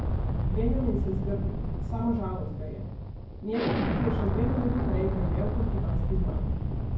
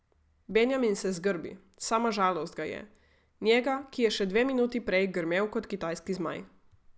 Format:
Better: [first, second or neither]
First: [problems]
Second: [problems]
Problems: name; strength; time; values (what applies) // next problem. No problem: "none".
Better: second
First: background sound (Explosion); 5 dB above the speech // room echo; dies away in 0.9 s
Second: none